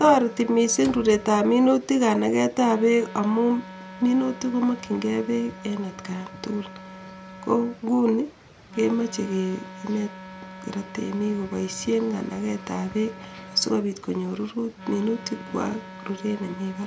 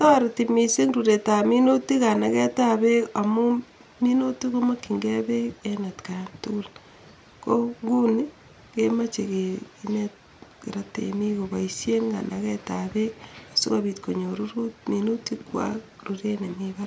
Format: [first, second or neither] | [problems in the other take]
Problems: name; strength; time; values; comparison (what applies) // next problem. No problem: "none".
second | background sound (Wind instrument, woodwind instrument + Slam); 17 dB below the speech